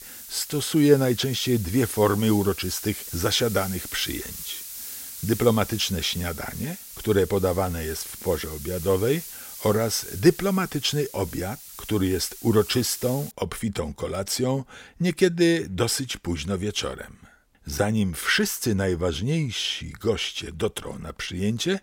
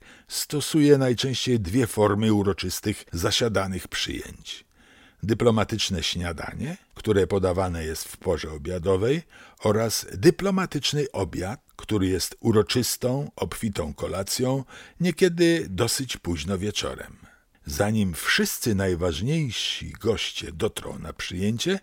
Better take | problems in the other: second | hiss; noticeable; until 13 s; 10 dB below the speech

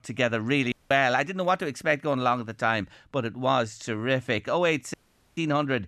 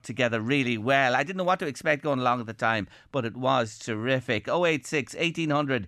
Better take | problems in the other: second | audio cutting out; at 0.5 s and at 5 s

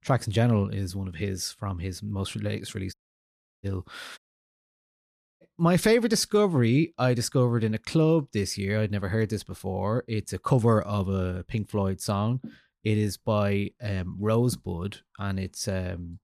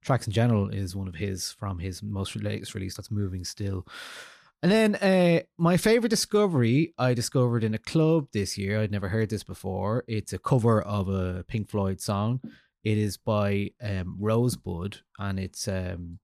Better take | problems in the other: second | audio cutting out; at 3 s for 0.5 s and at 4 s for 1 s

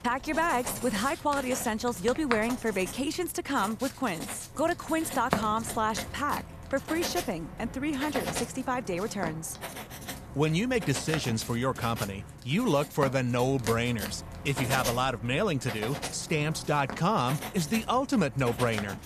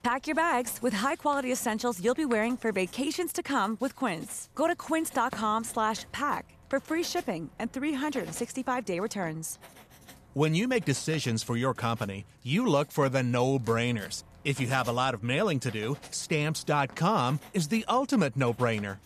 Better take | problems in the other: second | household noises; loud; throughout; 8 dB below the speech; faint in the second

